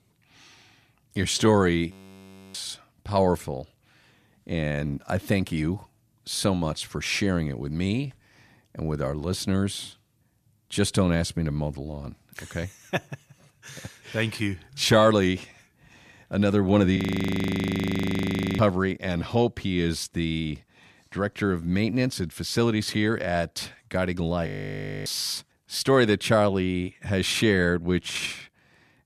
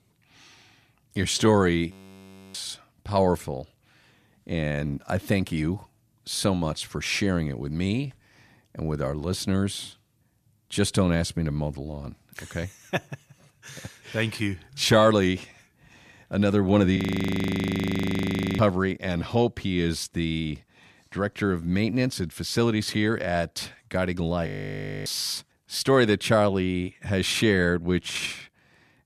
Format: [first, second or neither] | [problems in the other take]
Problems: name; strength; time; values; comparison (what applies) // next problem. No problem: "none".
neither | audio freezing; at 2 s for 0.5 s, at 17 s for 1.5 s and at 24 s for 0.5 s; the same in both